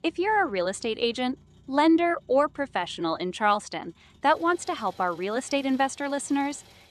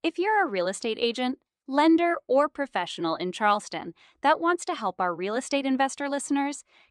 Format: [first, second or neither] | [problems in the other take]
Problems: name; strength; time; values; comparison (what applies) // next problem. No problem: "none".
second | traffic noise; faint; throughout; 30 dB below the speech